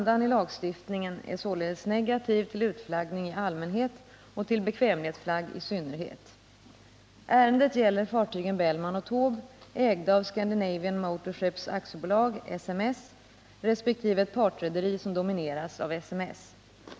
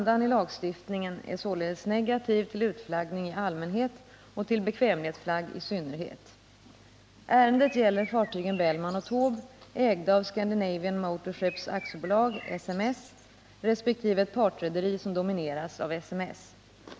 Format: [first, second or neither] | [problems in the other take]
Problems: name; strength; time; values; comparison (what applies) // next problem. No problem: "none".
first | background sound (Bird); 18 dB below the speech